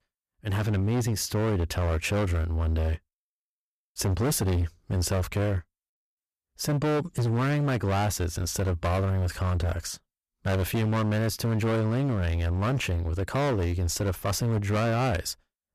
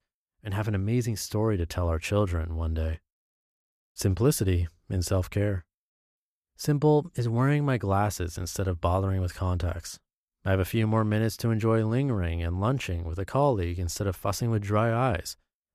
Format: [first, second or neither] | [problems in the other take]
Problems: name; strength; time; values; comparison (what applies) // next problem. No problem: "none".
second | distortion; heavy; 24% of the sound clipped